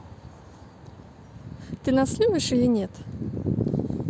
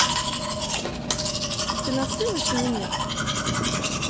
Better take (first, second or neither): first